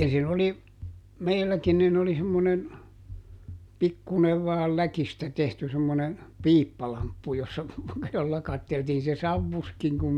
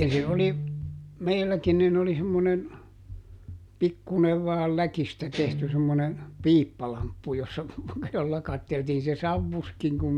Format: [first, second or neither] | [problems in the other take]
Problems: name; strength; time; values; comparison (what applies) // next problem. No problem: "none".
first | background sound (Guitar); 12 dB below the speech